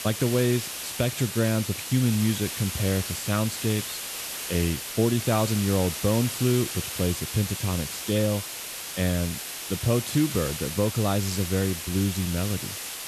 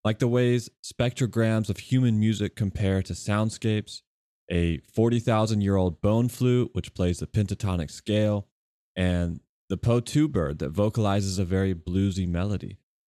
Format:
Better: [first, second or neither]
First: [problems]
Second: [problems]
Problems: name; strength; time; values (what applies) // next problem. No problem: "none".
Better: second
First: hiss; loud; throughout; 5 dB below the speech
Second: none